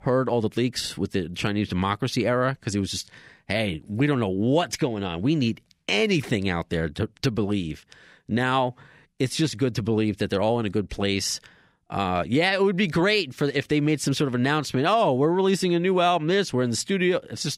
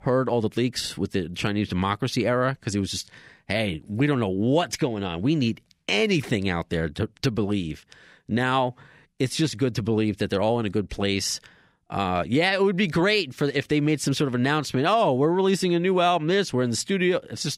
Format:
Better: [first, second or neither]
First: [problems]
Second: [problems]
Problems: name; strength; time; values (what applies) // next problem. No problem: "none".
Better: neither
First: none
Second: none